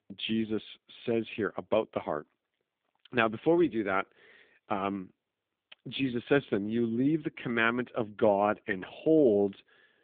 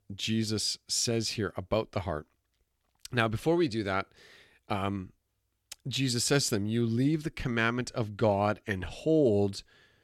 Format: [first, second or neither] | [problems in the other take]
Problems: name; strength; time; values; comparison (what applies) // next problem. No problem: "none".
second | phone-call audio